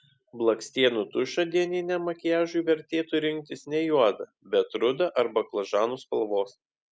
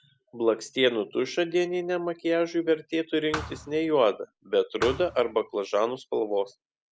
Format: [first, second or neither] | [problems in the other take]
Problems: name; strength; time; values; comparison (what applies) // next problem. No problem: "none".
first | background sound (Thump, thud); 13 dB below the speech